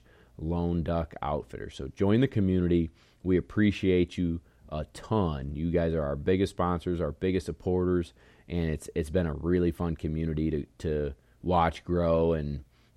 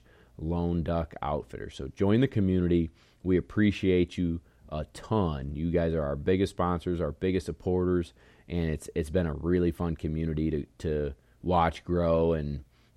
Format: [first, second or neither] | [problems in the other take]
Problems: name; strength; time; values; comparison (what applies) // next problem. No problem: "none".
neither | none